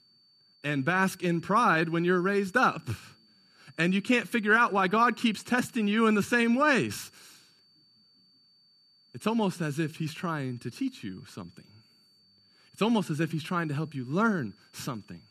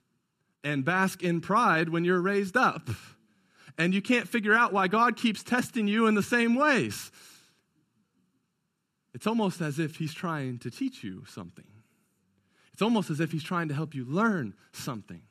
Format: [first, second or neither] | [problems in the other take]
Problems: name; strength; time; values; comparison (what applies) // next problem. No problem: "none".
second | high-pitched whine; faint; throughout; 4.5 kHz, 35 dB below the speech